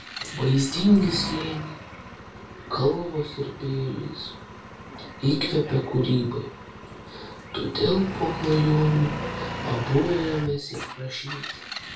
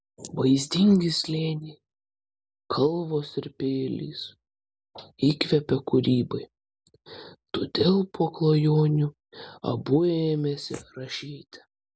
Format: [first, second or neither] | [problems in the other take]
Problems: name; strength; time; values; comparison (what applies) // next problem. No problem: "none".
second | background sound (Engine); 10 dB below the speech // room echo; dies away in 0.3 s